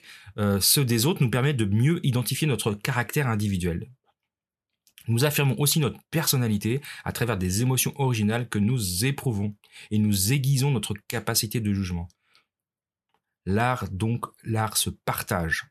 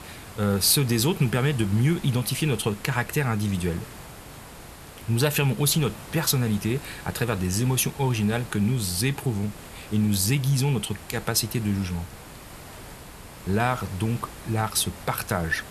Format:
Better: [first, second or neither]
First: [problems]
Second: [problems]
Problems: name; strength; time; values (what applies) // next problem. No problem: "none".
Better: first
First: none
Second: hiss; noticeable; throughout; 15 dB below the speech